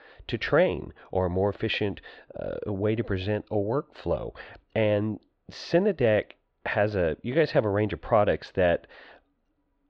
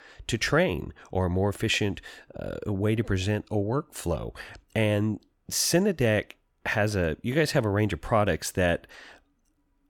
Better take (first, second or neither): second